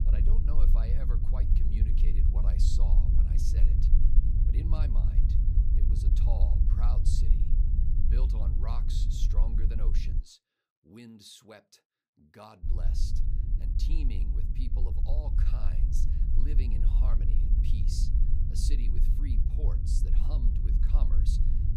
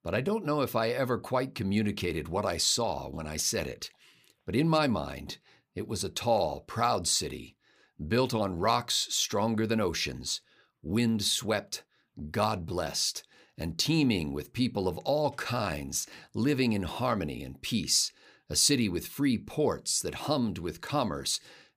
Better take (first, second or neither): second